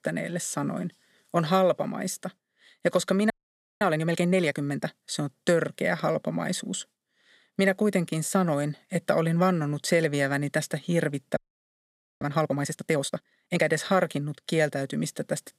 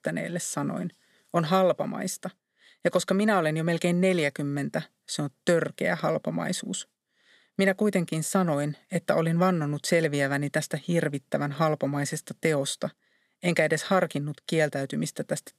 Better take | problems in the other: second | audio freezing; at 3.5 s for 0.5 s and at 11 s for 1 s

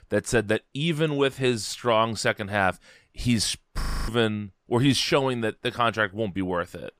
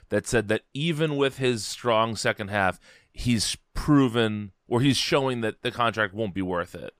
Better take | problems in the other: second | audio freezing; at 4 s

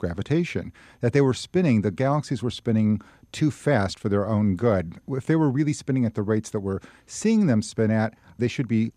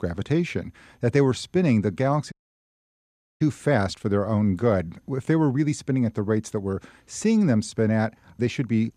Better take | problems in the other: first | audio cutting out; at 2.5 s for 1 s

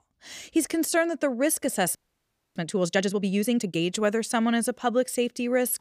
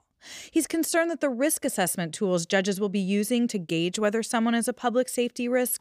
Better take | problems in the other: second | audio freezing; at 2 s for 0.5 s

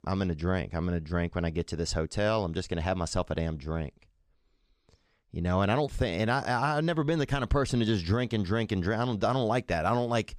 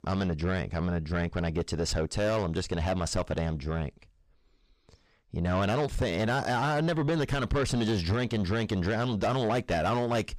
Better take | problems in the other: first | distortion; heavy; 7 dB below the speech

